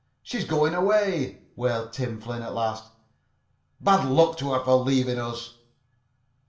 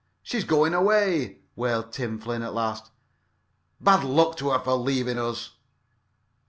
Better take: second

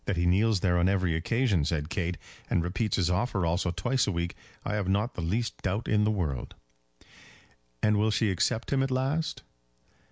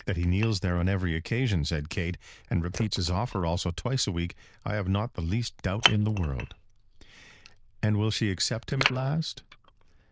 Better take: first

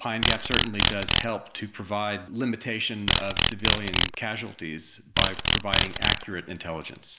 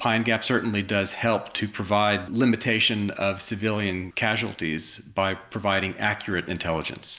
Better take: second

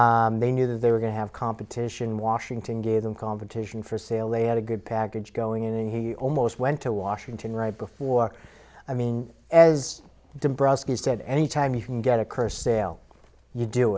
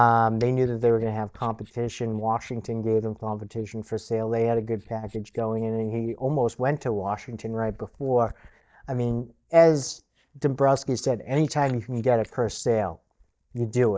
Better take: first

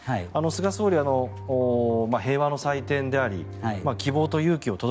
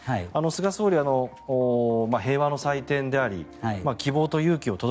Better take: second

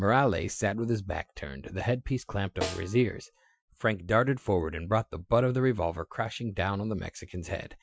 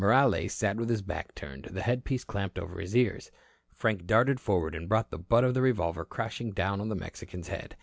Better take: second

